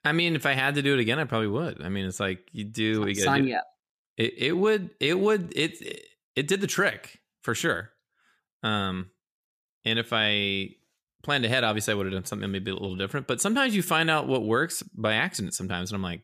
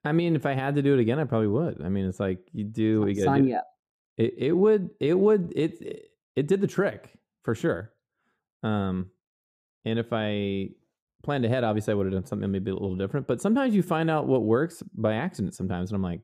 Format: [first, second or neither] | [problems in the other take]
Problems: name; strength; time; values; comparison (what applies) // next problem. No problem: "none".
first | muffled; slightly; fading above 1 kHz